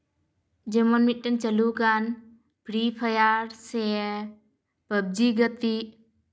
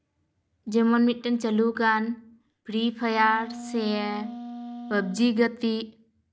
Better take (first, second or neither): first